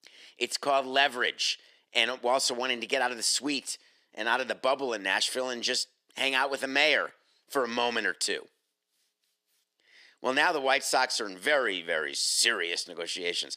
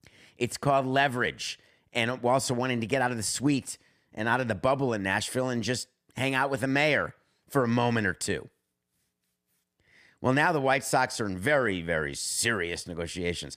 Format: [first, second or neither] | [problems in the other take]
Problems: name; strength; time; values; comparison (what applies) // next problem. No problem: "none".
second | thin; somewhat; fading below 350 Hz